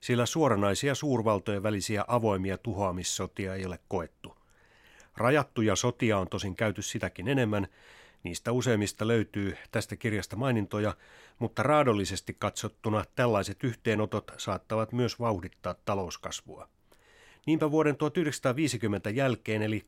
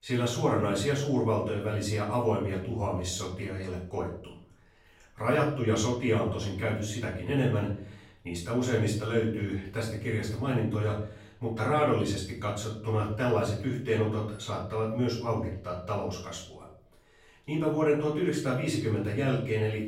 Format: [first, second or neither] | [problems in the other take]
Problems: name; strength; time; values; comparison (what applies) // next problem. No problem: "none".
first | off-mic speech; far // room echo; noticeable; dies away in 0.6 s